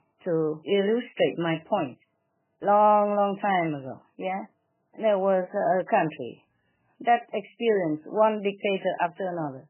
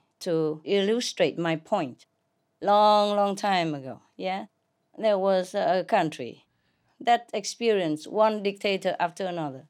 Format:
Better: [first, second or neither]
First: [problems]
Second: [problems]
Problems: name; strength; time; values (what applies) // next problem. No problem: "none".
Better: second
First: garbled, watery; badly; nothing above 3 kHz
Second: none